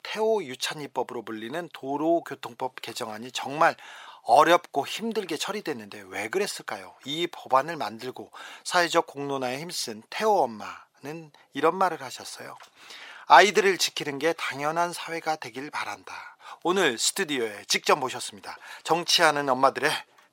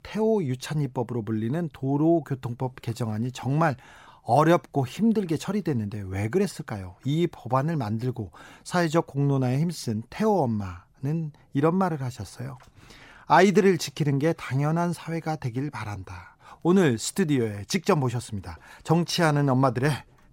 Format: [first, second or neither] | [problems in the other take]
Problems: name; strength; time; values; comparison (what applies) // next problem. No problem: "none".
second | thin; very; fading below 550 Hz